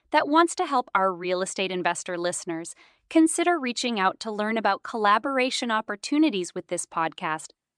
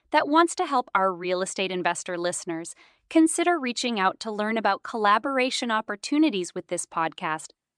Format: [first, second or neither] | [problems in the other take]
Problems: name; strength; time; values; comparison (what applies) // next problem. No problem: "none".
neither | none